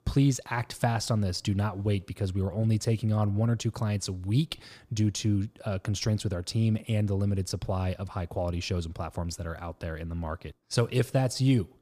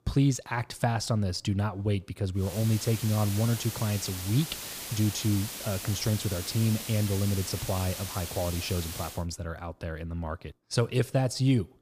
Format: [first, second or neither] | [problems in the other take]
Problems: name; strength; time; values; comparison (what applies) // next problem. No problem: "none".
first | hiss; loud; from 2.5 to 9 s; 7 dB below the speech